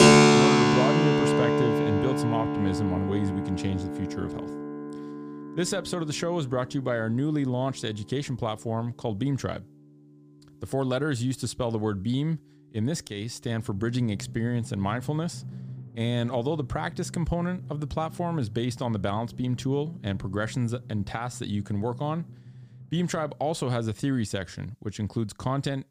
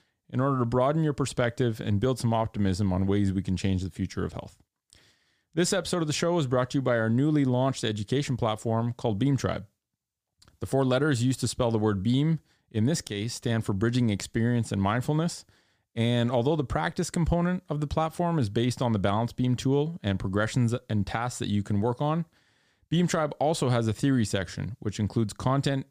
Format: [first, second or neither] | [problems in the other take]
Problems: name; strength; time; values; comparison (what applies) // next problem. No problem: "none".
second | background music; very loud; throughout; 4 dB above the speech